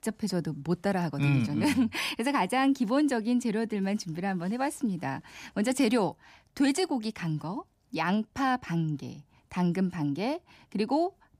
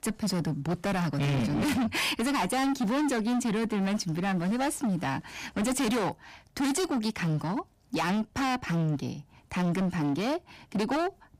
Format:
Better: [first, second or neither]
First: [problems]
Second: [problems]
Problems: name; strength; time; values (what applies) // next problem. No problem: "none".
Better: first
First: none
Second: distortion; heavy; 28% of the sound clipped